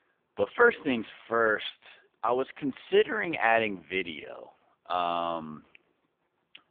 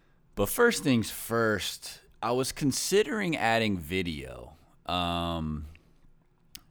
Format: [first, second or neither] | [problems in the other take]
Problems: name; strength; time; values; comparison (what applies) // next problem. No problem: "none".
second | phone-call audio; poor line